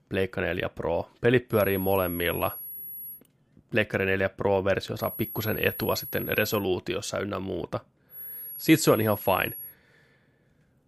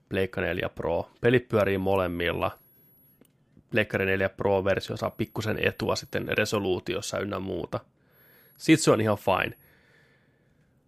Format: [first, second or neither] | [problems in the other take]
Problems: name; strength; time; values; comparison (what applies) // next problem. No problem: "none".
second | high-pitched whine; loud; from 1.5 to 3 s, from 5 to 6.5 s and from 8 to 9.5 s; 11.5 kHz, 10 dB below the speech; faint in the second